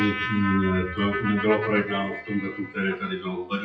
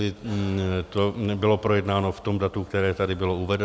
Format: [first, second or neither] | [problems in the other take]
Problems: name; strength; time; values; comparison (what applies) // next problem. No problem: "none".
second | noise reduction (classical method WPE with log-MMSE)